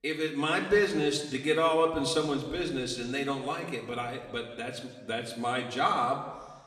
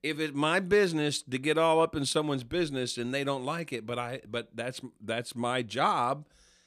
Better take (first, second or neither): second